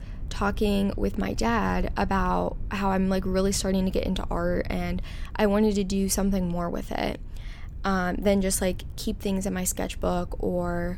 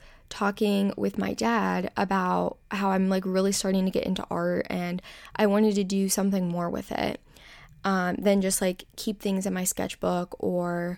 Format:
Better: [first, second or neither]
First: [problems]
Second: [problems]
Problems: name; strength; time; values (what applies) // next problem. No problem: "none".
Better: second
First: low rumble; faint; throughout; 25 dB below the speech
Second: none